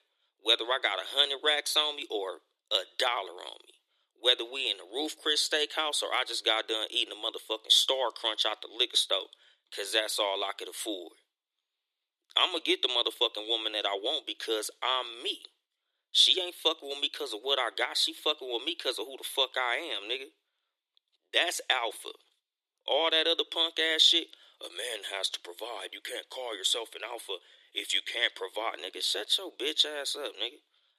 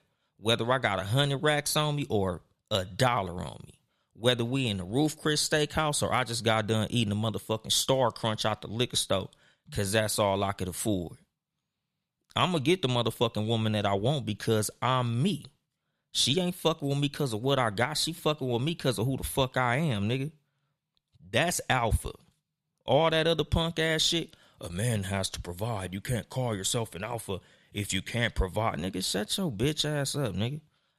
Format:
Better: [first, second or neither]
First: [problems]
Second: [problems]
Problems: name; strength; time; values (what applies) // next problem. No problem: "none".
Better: second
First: thin; very; fading below 300 Hz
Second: none